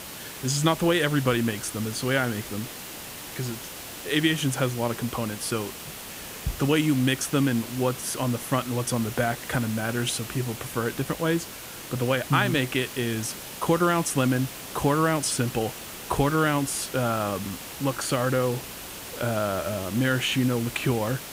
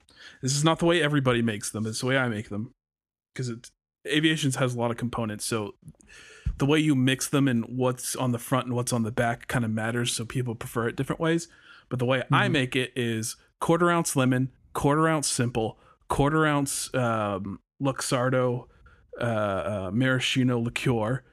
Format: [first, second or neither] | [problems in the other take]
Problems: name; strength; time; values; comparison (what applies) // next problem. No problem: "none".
second | hiss; noticeable; throughout; 10 dB below the speech